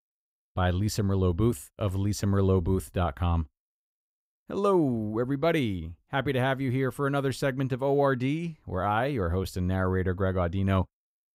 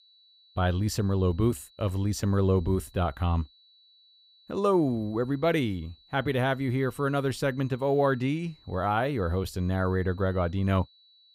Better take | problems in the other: first | high-pitched whine; faint; throughout; 4 kHz, 30 dB below the speech

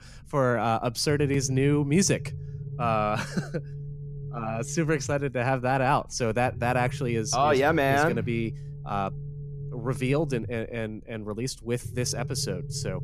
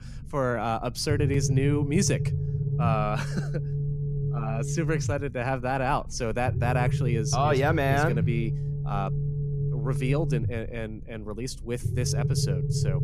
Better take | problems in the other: first | low rumble; loud; throughout; 9 dB below the speech; faint in the first

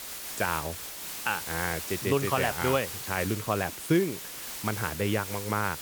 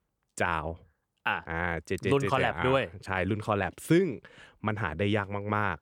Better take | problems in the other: second | hiss; loud; throughout; 6 dB below the speech

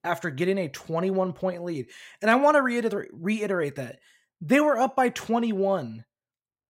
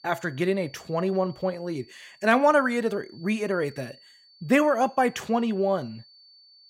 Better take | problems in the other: first | high-pitched whine; faint; throughout; 4.5 kHz, 25 dB below the speech

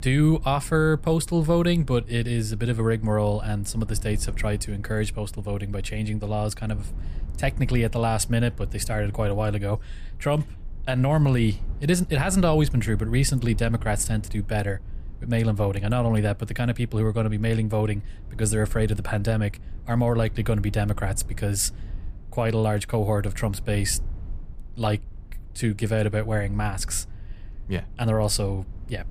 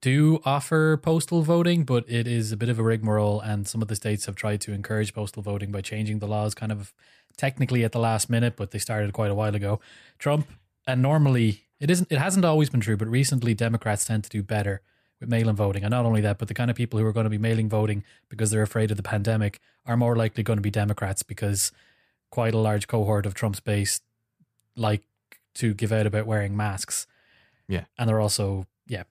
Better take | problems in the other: second | low rumble; faint; throughout; 25 dB below the speech

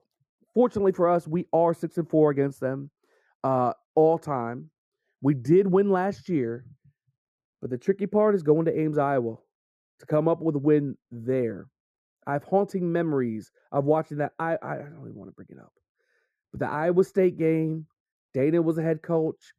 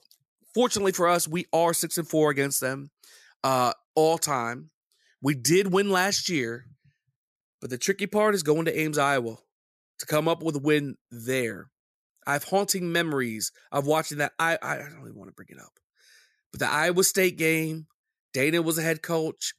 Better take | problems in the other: second | muffled; very; fading above 2 kHz

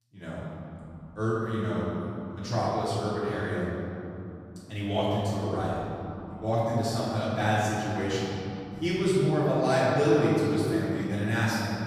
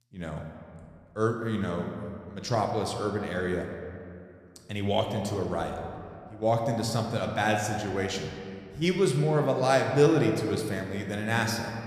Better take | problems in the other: second | room echo; strong; dies away in 3 s; slight in the second // off-mic speech; far

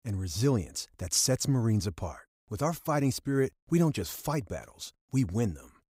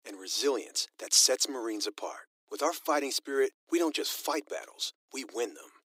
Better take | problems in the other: first | thin; very; fading below 300 Hz

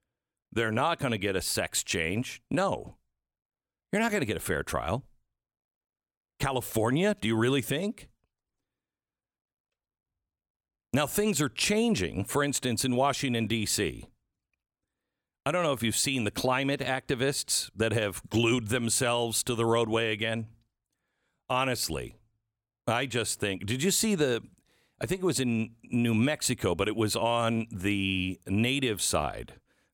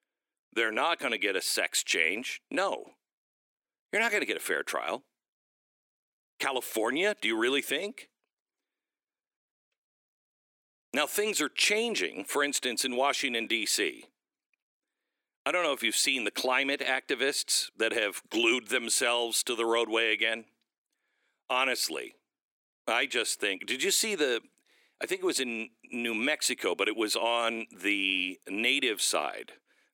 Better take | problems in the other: first | thin; somewhat; fading below 300 Hz

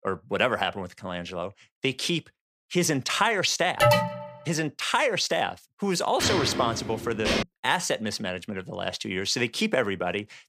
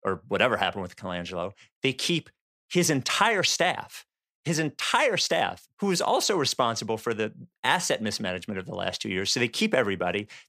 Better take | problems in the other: second | alarm; loud; at 4 s; peak 6 dB above the speech // footsteps; loud; from 6 to 7.5 s; peak level with the speech

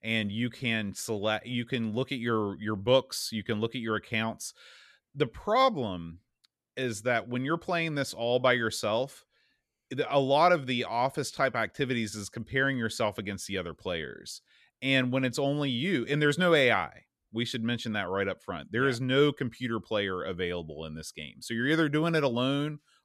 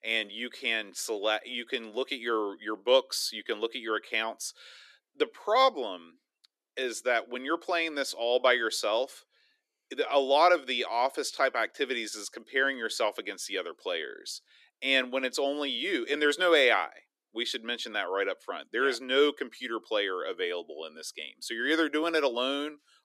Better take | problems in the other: first | thin; somewhat; fading below 300 Hz

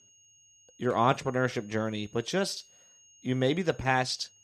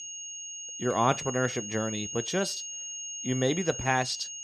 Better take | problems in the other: first | high-pitched whine; loud; throughout; 6.5 kHz, 6 dB below the speech; faint in the first

